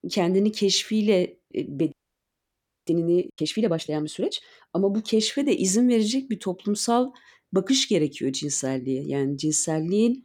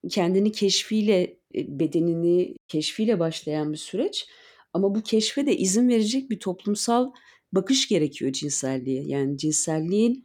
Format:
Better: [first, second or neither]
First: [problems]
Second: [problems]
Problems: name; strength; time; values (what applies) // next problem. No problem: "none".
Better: second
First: audio freezing; at 2 s for 1 s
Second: none